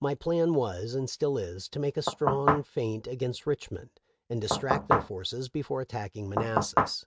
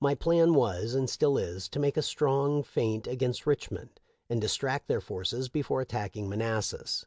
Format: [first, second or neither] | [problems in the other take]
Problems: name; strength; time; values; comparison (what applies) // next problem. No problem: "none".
second | noise reduction (neural mask model RNNoise)